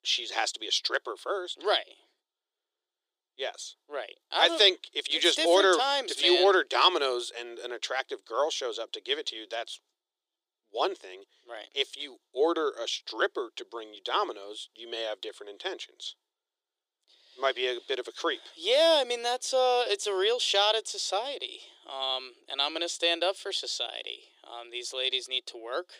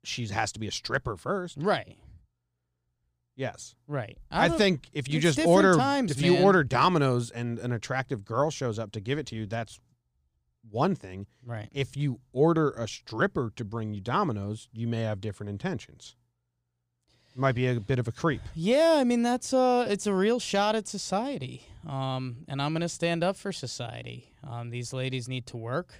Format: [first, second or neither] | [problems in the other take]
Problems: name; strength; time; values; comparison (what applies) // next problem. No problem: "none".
second | thin; very; fading below 350 Hz